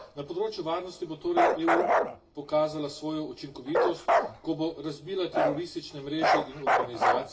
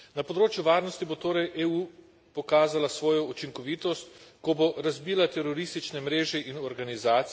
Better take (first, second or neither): second